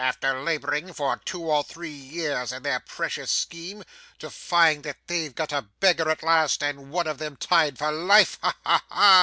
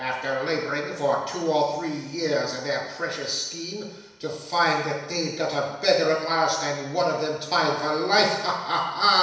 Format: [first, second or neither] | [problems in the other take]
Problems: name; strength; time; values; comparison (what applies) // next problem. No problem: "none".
first | room echo; dies away in 1 s